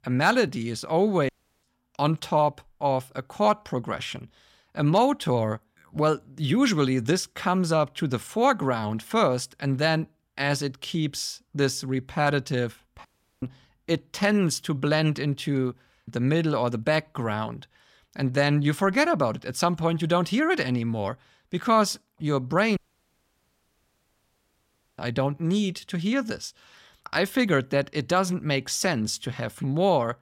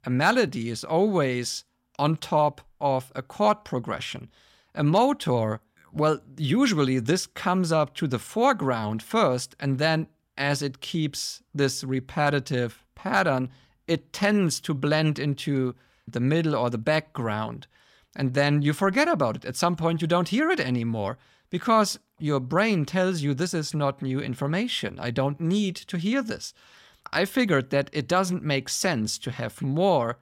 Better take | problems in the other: second | audio cutting out; at 1.5 s, at 13 s and at 23 s for 2 s

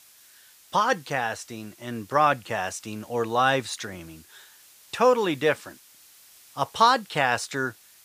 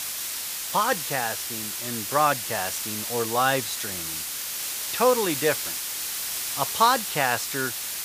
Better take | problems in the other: first | hiss; loud; throughout; 3 dB below the speech; faint in the first

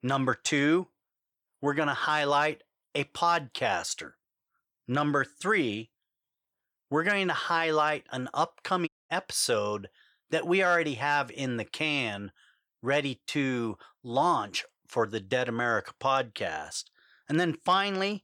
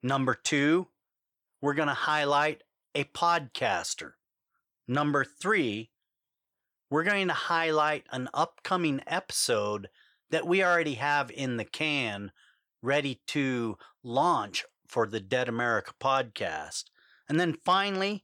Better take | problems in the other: second | audio cutting out; at 9 s

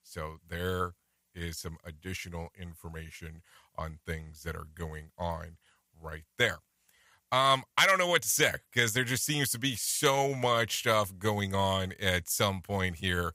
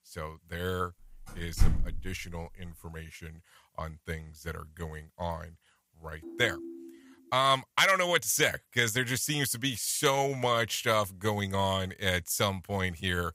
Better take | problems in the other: first | door banging; noticeable; at 1.5 s; peak 2 dB below the speech // phone ringing; faint; from 6 to 7.5 s; peak 15 dB below the speech

